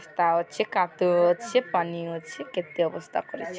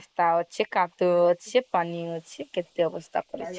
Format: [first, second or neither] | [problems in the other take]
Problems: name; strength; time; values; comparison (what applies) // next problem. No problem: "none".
first | noise reduction (neural mask model Resemble Enhance denoiser)